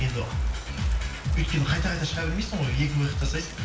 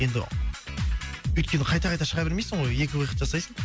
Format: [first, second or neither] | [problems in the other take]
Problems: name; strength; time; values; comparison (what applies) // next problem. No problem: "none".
second | background sound (Rain); 17 dB below the speech // room echo; dies away in 0.7 s